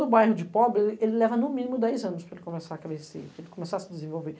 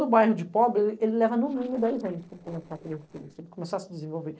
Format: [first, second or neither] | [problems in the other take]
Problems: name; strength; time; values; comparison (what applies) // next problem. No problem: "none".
first | noise reduction (neural separator model SepFormer DNS4)